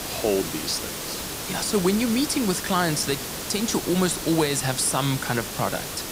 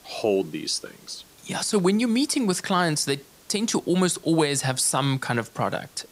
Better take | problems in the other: second | hiss; loud; throughout; 6 dB below the speech; faint in the second

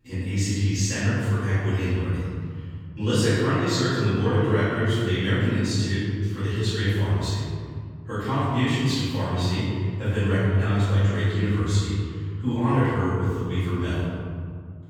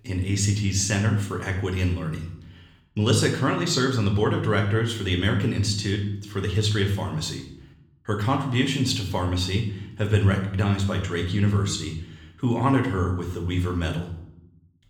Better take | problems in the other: second | room echo; strong; dies away in 2.4 s; slight in the second // off-mic speech; far; somewhat distant in the second

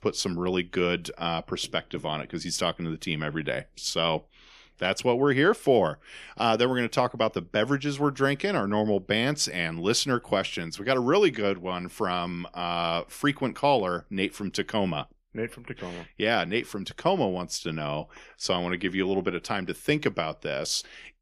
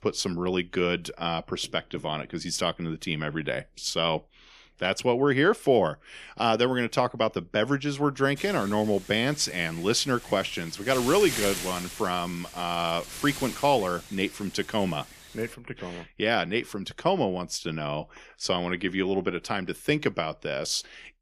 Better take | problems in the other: first | wind noise on the microphone; occasional gusts; from 8.5 to 16 s; 10 dB below the speech

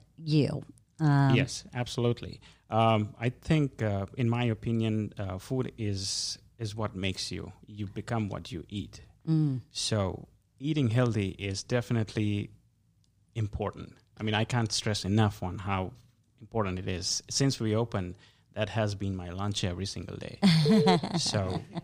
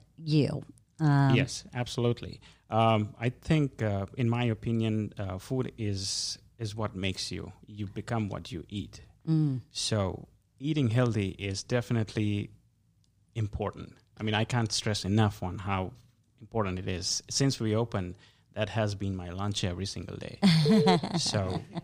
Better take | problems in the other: neither | none

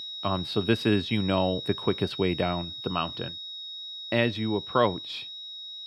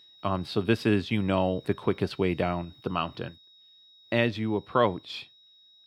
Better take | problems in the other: second | high-pitched whine; loud; throughout; 4 kHz, 8 dB below the speech; faint in the second

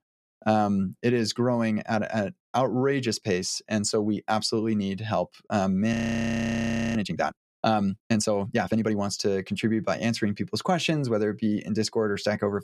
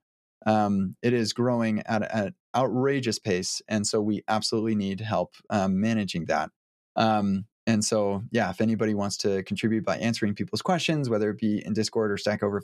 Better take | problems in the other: second | audio freezing; at 6 s for 1 s

